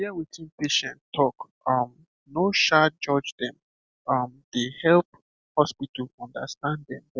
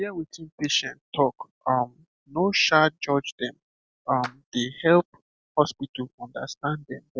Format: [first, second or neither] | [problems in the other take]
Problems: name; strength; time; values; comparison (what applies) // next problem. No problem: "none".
first | background sound (Clapping); 18 dB below the speech